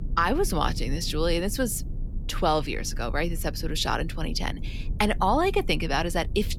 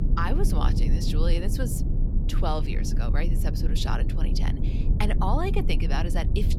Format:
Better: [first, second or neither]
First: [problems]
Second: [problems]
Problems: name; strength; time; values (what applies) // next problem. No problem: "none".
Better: first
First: low rumble; faint; throughout; 20 dB below the speech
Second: low rumble; loud; throughout; 7 dB below the speech